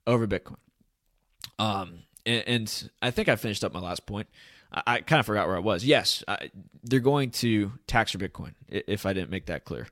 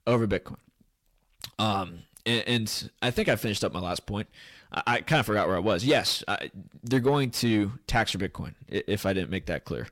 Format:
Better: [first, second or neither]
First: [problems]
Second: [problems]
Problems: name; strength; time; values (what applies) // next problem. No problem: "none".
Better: first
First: none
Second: distortion; slight; 10 dB below the speech